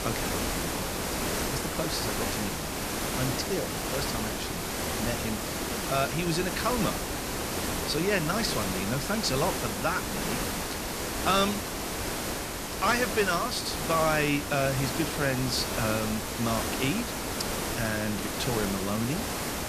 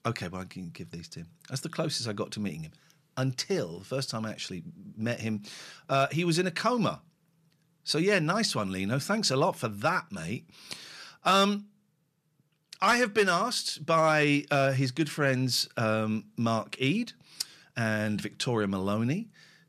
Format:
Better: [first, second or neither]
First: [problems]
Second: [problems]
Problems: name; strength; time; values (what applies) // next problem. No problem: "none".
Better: second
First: hiss; loud; throughout; 1 dB below the speech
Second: none